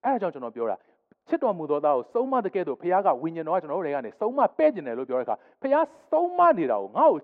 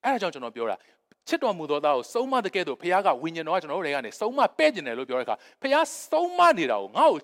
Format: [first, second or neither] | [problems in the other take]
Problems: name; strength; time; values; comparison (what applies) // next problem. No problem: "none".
second | muffled; very; fading above 3 kHz